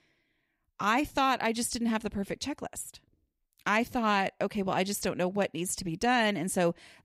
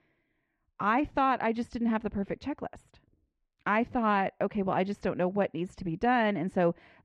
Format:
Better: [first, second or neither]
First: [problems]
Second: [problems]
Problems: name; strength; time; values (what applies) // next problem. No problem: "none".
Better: first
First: none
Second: muffled; very; fading above 2 kHz